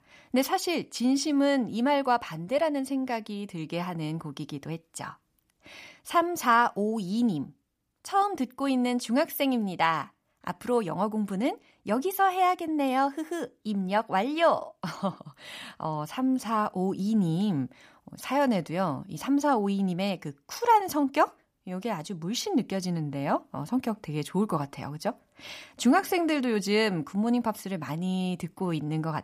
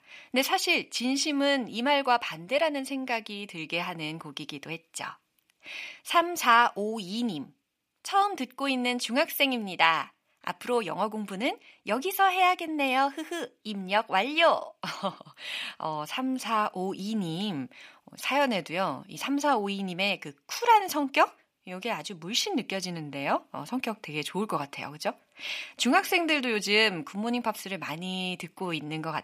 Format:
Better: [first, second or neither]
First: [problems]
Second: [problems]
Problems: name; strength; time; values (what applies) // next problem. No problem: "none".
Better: first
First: none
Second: thin; very slightly; fading below 800 Hz